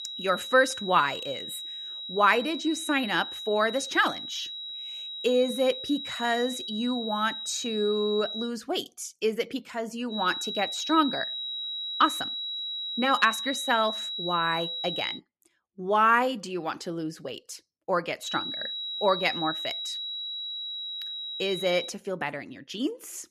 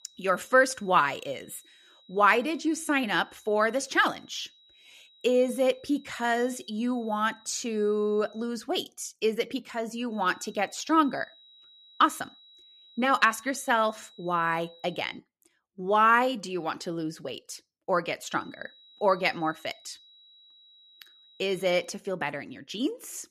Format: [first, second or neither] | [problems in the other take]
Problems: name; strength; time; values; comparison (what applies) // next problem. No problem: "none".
second | high-pitched whine; loud; until 8.5 s, from 10 to 15 s and from 18 to 22 s; 4 kHz, 5 dB below the speech; faint in the second